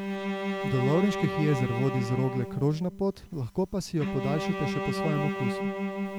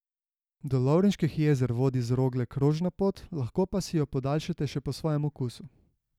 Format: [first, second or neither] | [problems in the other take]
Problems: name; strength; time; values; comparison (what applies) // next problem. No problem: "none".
second | background sound (Bowed string instrument); 3 dB below the speech